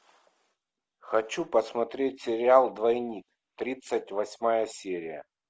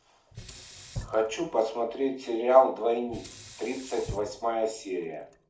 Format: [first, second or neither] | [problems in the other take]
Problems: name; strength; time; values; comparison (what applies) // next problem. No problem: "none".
first | background sound (Sink (filling or washing)); 17 dB below the speech // room echo; dies away in 0.4 s